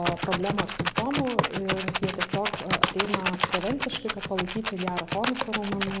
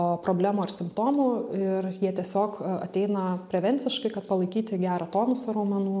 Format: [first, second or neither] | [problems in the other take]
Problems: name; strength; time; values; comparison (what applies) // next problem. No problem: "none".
second | background sound (Computer keyboard + Rattle); 1 dB above the speech